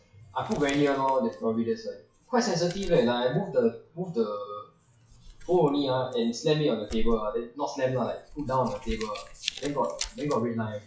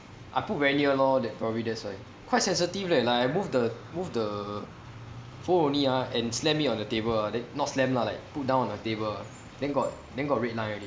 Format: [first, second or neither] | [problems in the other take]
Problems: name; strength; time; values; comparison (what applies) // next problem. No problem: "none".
second | noise reduction (classical method WPE with log-MMSE)